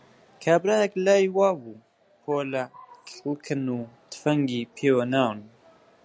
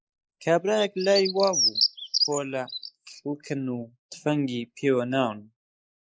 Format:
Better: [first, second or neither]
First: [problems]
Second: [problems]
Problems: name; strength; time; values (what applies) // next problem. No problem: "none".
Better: first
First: none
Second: noise reduction (neural mask model Resemble Enhance denoiser)